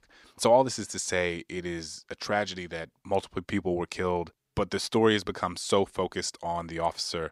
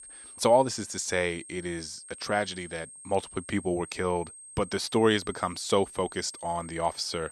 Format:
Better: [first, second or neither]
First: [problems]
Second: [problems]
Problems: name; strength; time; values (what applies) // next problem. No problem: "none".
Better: first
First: none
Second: high-pitched whine; noticeable; throughout; 8.5 kHz, 15 dB below the speech